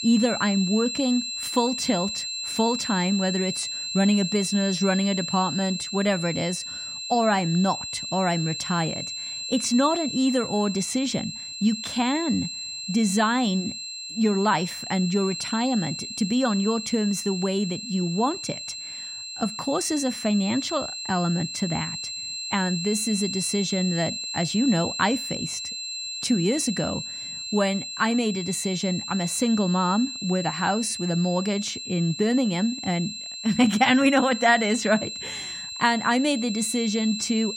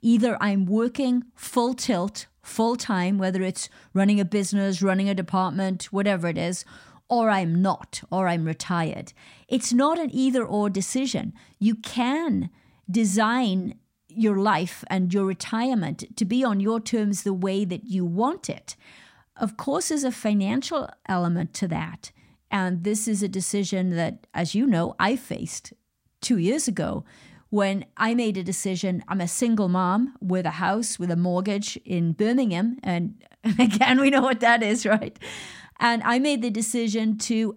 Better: second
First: high-pitched whine; loud; throughout; 4 kHz, 6 dB below the speech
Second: none

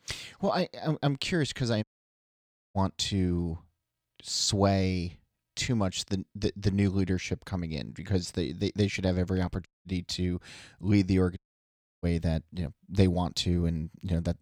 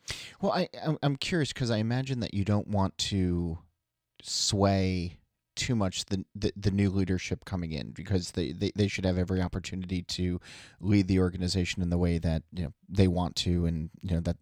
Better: second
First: audio cutting out; at 2 s for 1 s, at 9.5 s and at 11 s for 0.5 s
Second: none

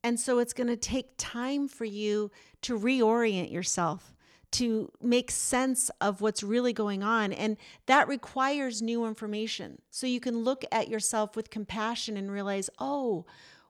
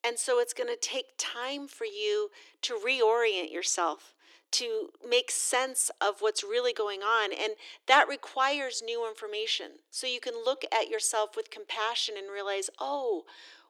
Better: first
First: none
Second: thin; very; fading below 300 Hz

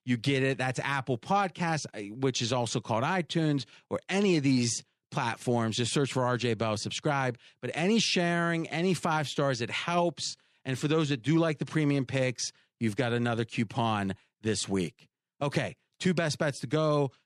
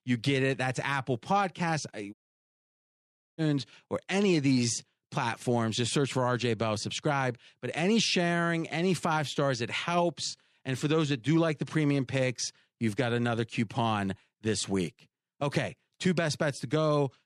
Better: first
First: none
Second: audio cutting out; at 2 s for 1 s

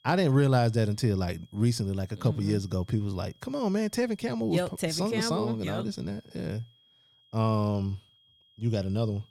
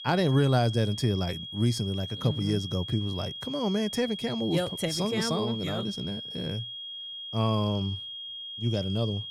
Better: first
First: high-pitched whine; faint; throughout; 3.5 kHz, 30 dB below the speech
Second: high-pitched whine; loud; throughout; 3.5 kHz, 8 dB below the speech

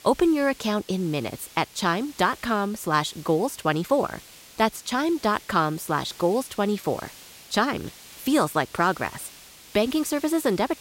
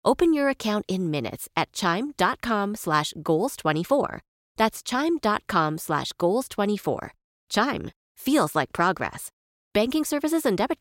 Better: second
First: hiss; noticeable; throughout; 20 dB below the speech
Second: none

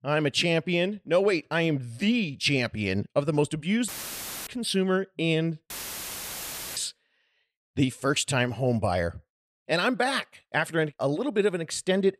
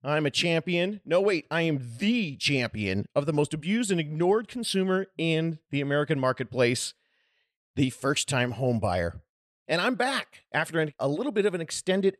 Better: second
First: audio cutting out; filled with static; at 4 s for 0.5 s and at 5.5 s for 1 s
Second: none

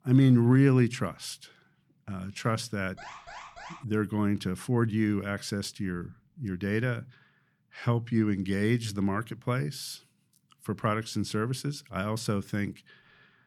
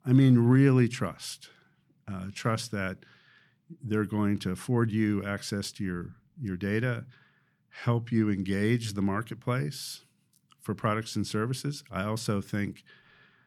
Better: second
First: alarm; faint; at 3 s; peak 15 dB below the speech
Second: none

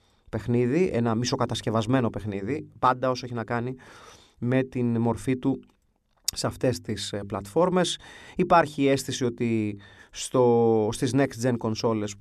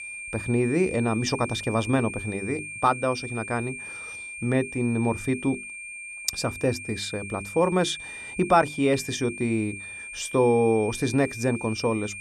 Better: first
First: none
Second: high-pitched whine; loud; throughout; 2.5 kHz, 10 dB below the speech

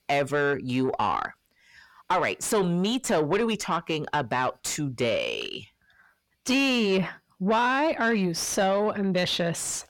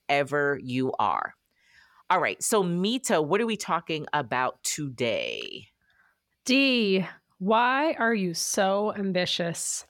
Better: second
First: distortion; slight; 10 dB below the speech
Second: none

